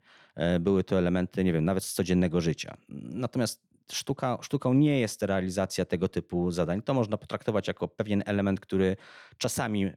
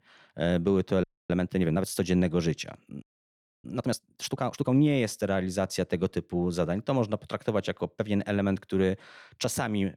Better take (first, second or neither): first